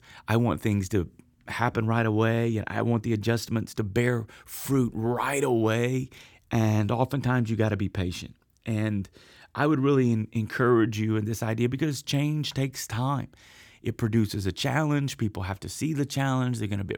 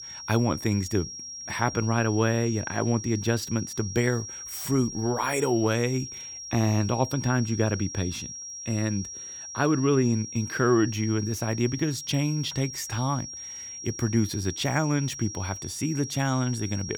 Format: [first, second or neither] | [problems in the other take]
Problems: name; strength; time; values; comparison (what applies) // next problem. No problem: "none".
first | high-pitched whine; loud; throughout; 5.5 kHz, 9 dB below the speech